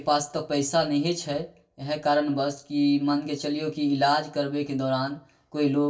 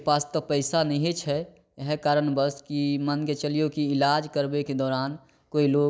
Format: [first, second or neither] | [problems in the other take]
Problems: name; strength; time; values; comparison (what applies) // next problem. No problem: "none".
second | room echo; dies away in 0.2 s